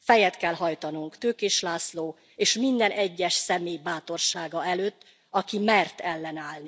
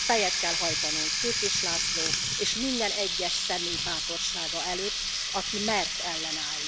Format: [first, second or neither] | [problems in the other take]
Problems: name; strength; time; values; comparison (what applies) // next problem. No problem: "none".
first | background sound (Water tap, faucet); 4 dB above the speech